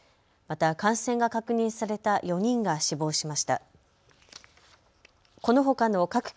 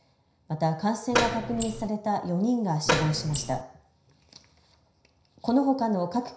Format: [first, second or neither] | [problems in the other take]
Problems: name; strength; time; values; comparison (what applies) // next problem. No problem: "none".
first | background sound (Door); as loud as the speech // room echo; dies away in 0.5 s